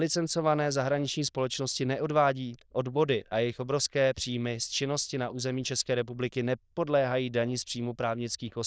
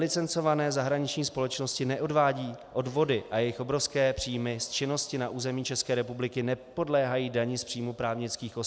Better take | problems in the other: second | noise reduction (neural diffusion model UNIVERSE++)

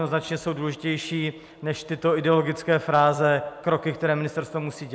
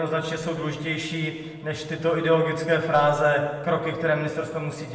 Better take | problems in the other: first | room echo; dies away in 1.1 s

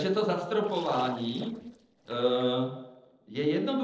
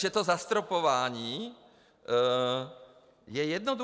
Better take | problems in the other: second | noise reduction (neural separator model SepFormer DNS4)

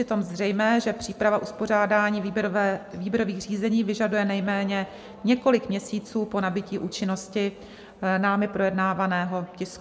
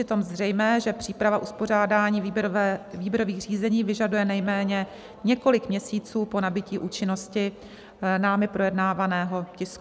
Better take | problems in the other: second | room echo; dies away in 1.8 s

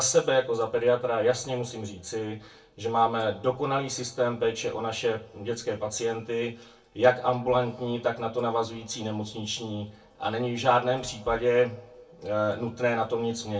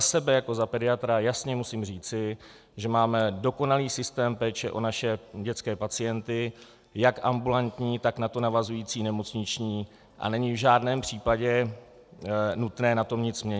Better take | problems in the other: second | room echo; dies away in 0.2 s

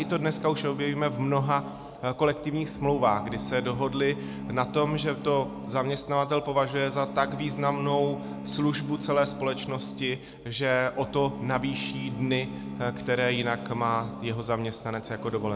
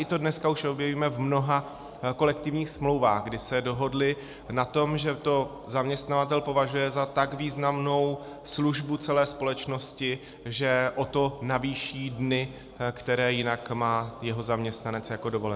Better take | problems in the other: second | background sound (Bowed string instrument); 10 dB below the speech

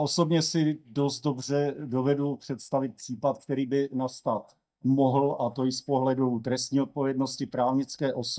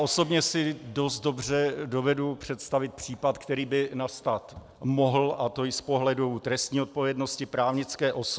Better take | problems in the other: second | noise reduction (neural mask model DeepFilterNet 3)

